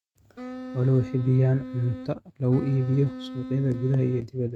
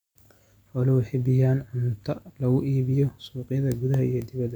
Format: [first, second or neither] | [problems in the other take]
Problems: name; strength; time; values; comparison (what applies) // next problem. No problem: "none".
second | noise reduction (neural mask model RNNoise)